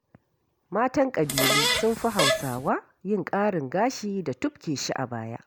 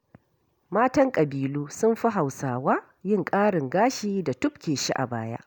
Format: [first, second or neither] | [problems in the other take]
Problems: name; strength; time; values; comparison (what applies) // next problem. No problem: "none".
second | background sound (Fart); 2 dB above the speech